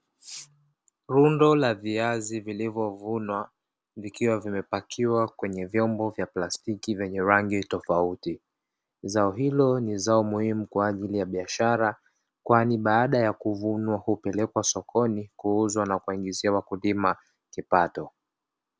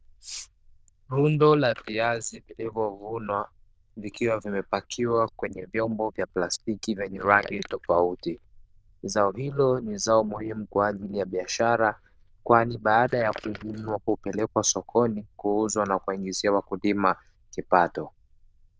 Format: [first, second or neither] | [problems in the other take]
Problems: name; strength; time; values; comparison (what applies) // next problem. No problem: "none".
first | noise reduction (neural diffusion model UNIVERSE++)